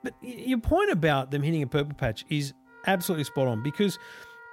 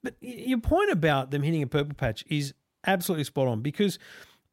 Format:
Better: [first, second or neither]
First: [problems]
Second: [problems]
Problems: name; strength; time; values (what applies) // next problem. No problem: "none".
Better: second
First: background music; faint; throughout; 25 dB below the speech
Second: none